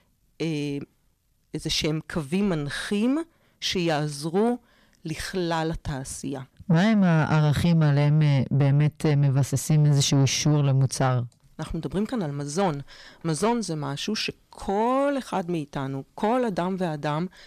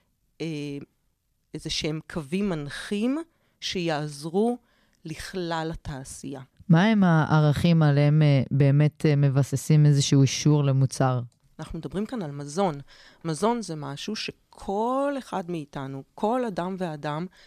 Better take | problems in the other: second | distortion; slight; 10 dB below the speech

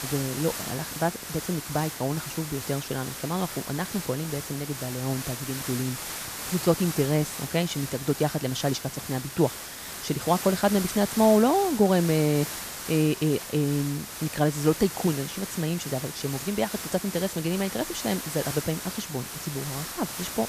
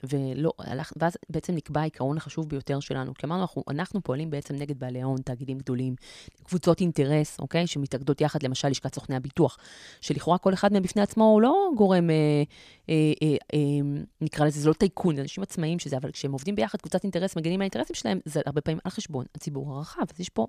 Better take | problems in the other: second | hiss; loud; throughout; 7 dB below the speech

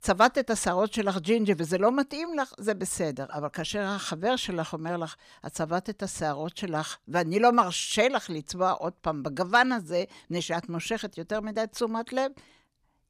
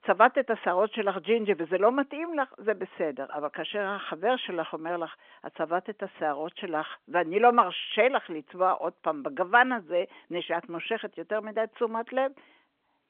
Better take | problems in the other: first | phone-call audio; nothing above 3.5 kHz

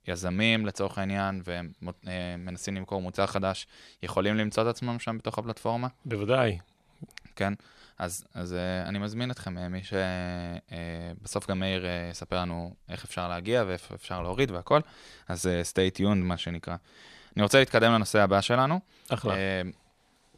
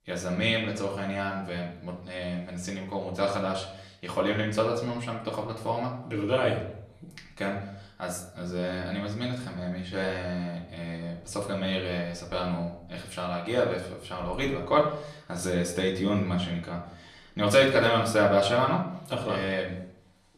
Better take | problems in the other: first | off-mic speech; far // room echo; slight; dies away in 0.5 s

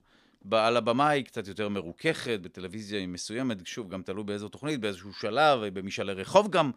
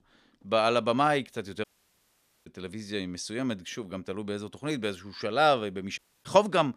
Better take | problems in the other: first | audio cutting out; at 1.5 s for 1 s and at 6 s

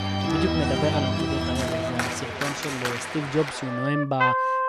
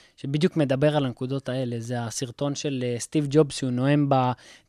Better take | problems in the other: second | background music; very loud; throughout; 3 dB above the speech

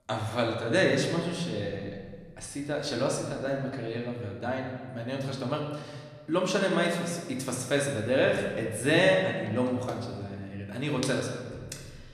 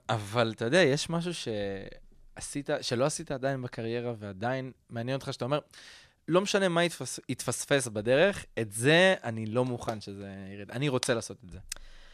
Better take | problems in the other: second | room echo; noticeable; dies away in 1.4 s // off-mic speech; somewhat distant

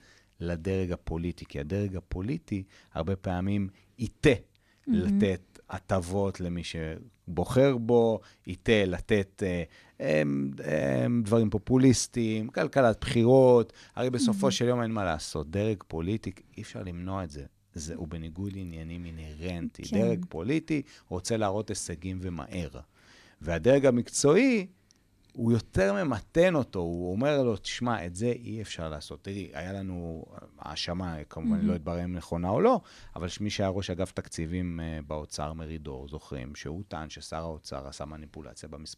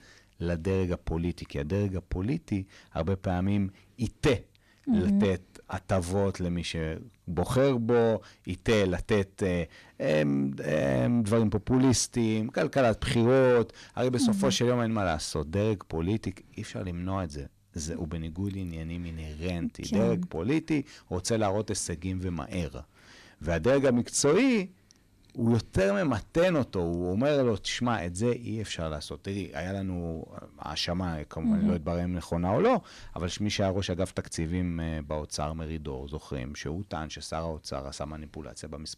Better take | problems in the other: first | distortion; slight; 10 dB below the speech

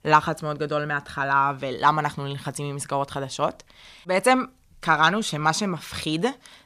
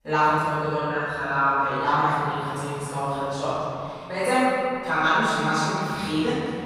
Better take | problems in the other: first | room echo; strong; dies away in 2.7 s // off-mic speech; far

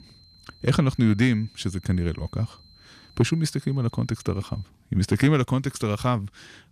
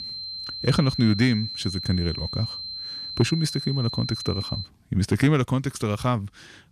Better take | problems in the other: first | high-pitched whine; loud; until 4.5 s; 4 kHz, 7 dB below the speech; faint in the first

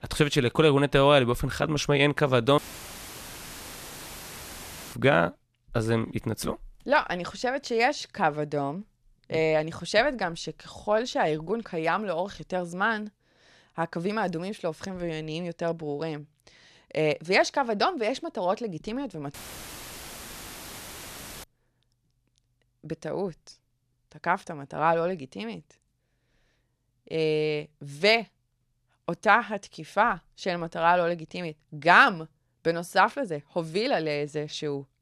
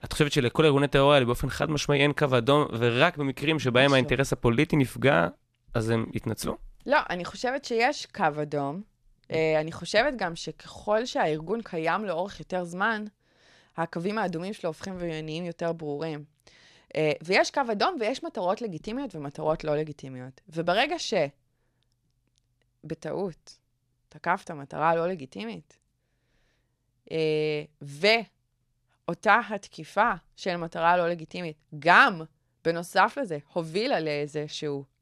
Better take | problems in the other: second | audio cutting out; filled with static; at 2.5 s for 2.5 s and at 19 s for 2 s

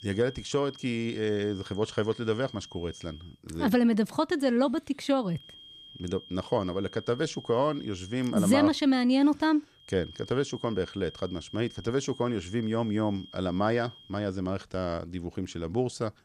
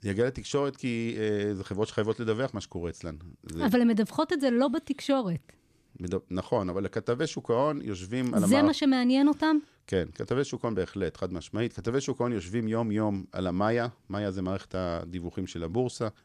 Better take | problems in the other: second | high-pitched whine; noticeable; until 3 s, from 5.5 to 8.5 s and from 10 to 14 s; 3 kHz, 20 dB below the speech

